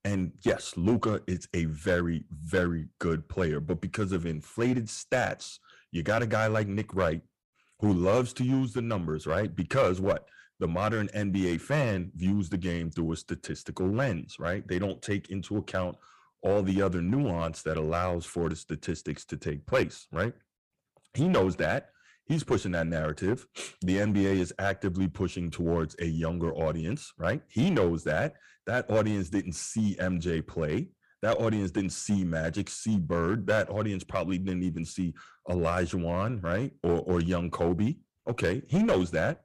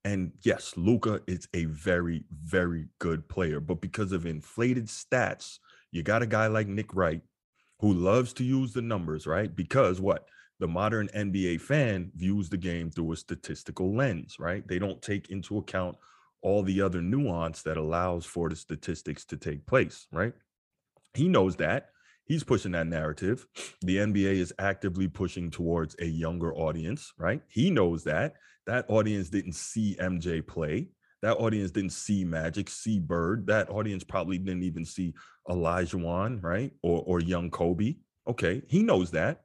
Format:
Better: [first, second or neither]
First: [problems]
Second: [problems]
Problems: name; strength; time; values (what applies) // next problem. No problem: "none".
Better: second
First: distortion; slight; 3% of the sound clipped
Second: none